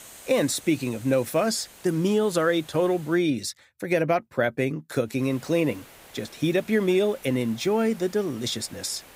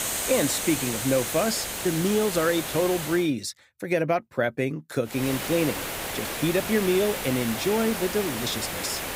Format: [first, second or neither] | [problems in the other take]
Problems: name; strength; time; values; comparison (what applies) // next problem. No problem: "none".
first | hiss; loud; until 3 s and from 5 s on; 4 dB below the speech; faint in the first